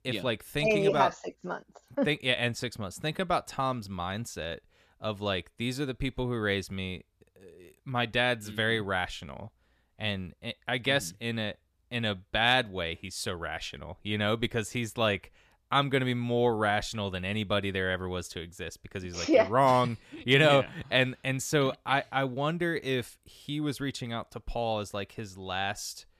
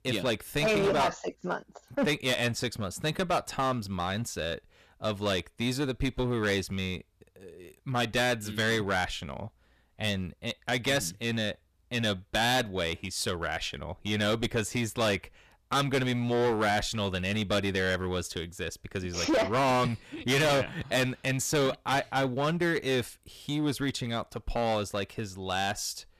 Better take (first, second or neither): first